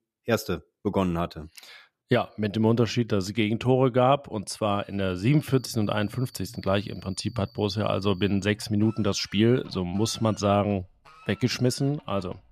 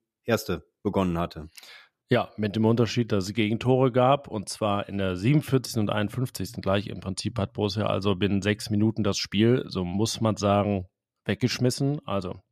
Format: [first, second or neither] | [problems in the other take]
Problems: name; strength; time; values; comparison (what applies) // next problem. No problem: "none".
second | animal sounds; faint; from 5 s on; 25 dB below the speech